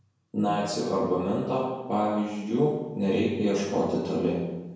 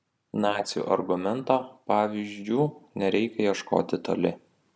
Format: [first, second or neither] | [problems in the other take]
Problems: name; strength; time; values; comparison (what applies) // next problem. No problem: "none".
second | room echo; dies away in 1 s